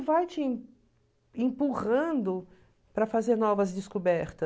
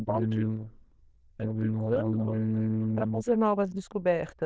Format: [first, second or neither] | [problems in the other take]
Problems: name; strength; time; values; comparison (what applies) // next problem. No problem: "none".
first | noise reduction (neural diffusion model UNIVERSE++)